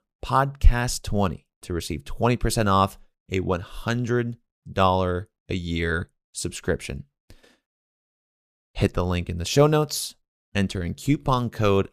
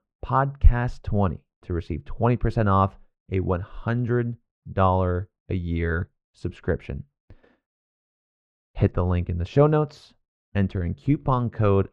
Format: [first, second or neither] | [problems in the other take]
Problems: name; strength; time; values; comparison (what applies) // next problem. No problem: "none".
first | muffled; very; fading above 1.5 kHz